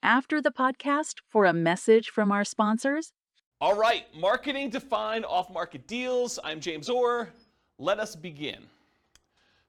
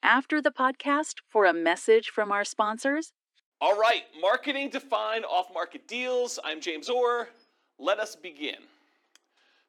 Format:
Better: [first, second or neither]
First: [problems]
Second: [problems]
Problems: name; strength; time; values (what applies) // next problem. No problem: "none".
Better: first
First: none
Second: thin; very slightly; fading below 300 Hz